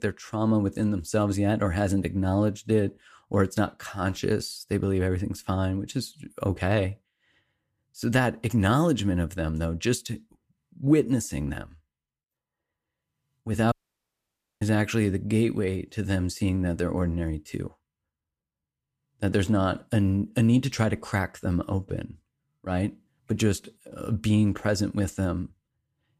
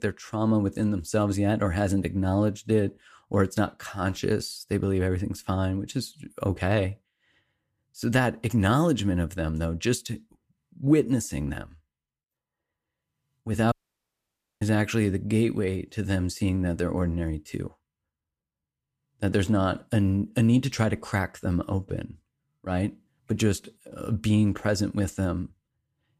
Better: neither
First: audio cutting out; at 14 s for 1 s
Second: audio cutting out; at 14 s for 1 s

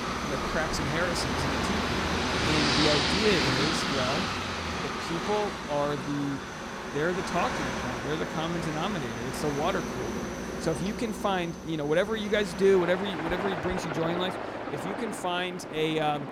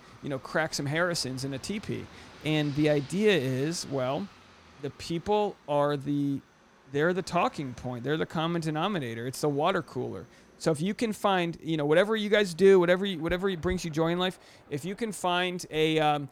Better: second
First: train or aircraft noise; loud; throughout; as loud as the speech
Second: train or aircraft noise; faint; throughout; 25 dB below the speech

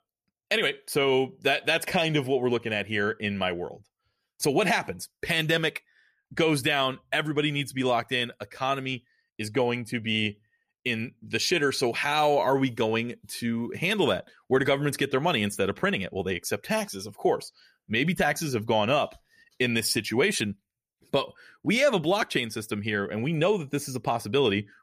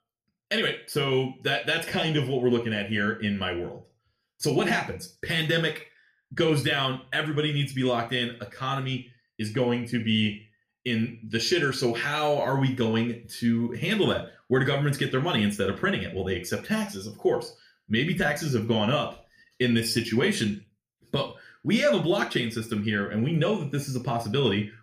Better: first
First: none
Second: room echo; very slight; dies away in 0.3 s // off-mic speech; somewhat distant

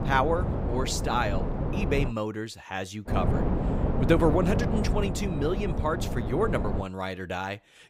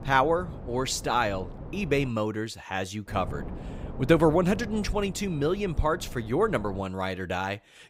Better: second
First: wind noise on the microphone; heavy; until 2 s and from 3 to 7 s; 5 dB below the speech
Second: wind noise on the microphone; occasional gusts; until 2 s and from 3 to 7 s; 20 dB below the speech

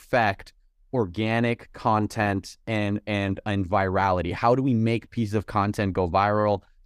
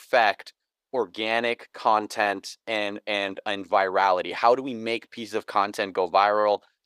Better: first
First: none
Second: thin; very; fading below 500 Hz

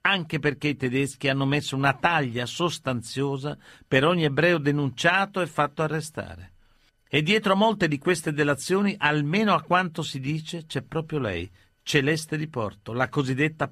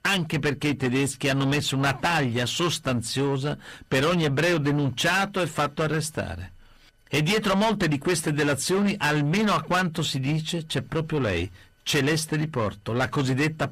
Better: first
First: none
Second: distortion; heavy; 6 dB below the speech

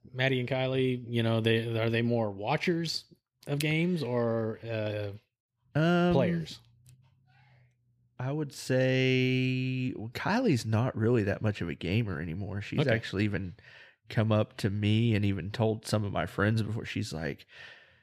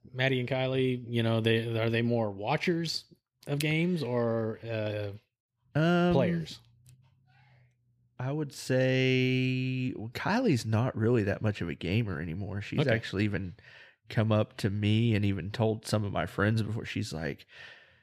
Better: neither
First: none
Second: none

